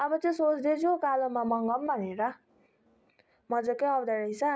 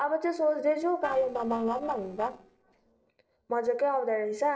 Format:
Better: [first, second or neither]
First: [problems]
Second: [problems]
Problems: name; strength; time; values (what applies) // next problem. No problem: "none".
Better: first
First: none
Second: noise reduction (neural separator model SepFormer DNS4)